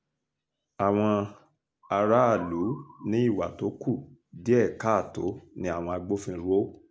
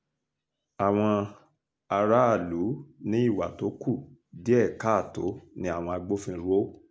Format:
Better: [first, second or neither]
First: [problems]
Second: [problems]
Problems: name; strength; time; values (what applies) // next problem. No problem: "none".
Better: second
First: background sound (Musical instrument); 18 dB below the speech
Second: none